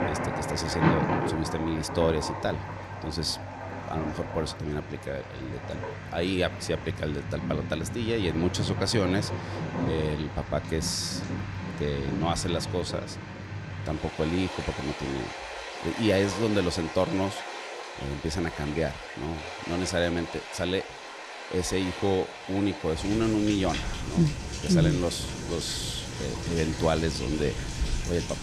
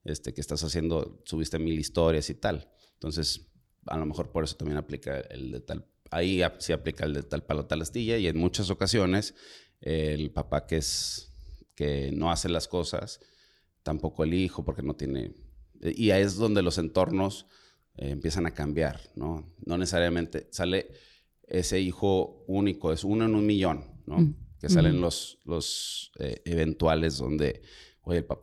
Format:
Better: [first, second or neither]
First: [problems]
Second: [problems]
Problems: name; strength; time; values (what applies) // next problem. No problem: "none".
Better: second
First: rain or running water; loud; throughout; 5 dB below the speech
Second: none